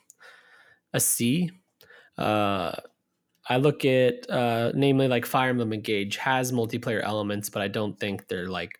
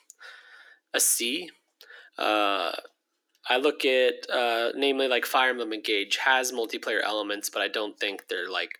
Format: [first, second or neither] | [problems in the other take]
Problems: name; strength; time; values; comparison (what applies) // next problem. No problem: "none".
first | thin; somewhat; fading below 300 Hz